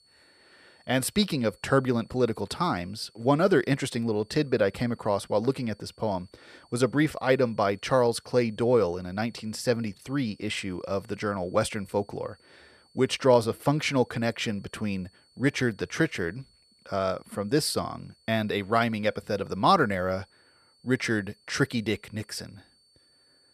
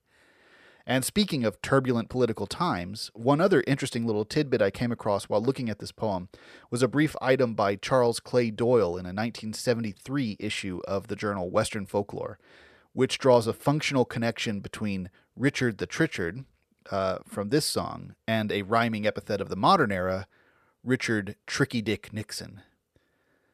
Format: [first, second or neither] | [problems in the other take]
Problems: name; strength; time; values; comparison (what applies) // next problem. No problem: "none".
second | high-pitched whine; faint; throughout; 4.5 kHz, 35 dB below the speech